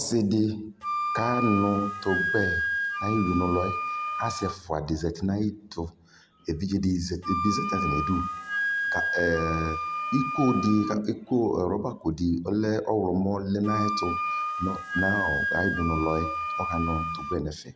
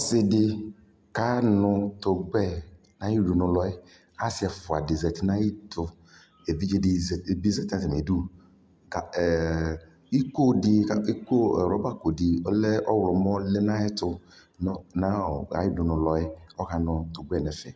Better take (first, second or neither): second